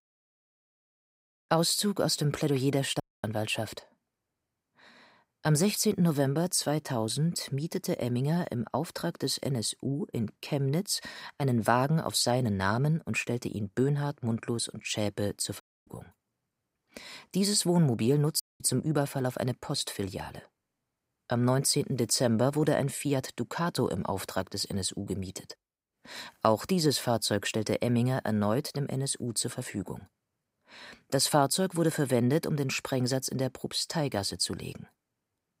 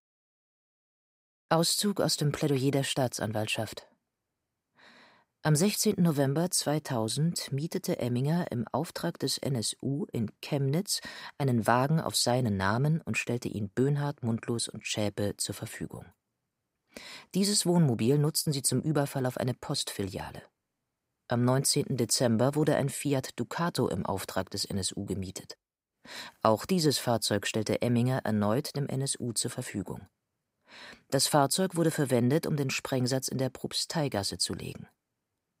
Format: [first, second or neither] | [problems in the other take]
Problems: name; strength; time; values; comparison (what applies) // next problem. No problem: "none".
second | audio cutting out; at 3 s, at 16 s and at 18 s